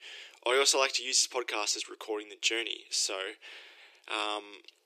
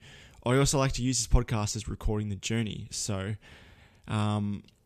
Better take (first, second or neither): second